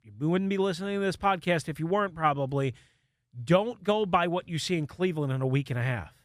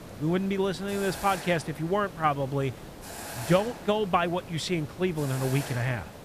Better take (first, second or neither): first